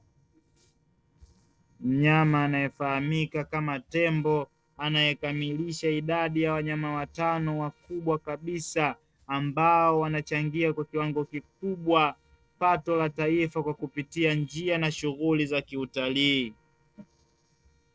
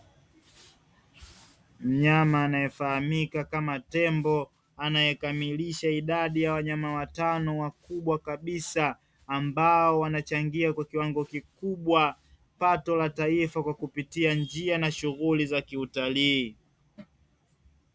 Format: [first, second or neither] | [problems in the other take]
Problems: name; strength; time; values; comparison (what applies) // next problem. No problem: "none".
second | noise reduction (neural separator model SepFormer DNS4)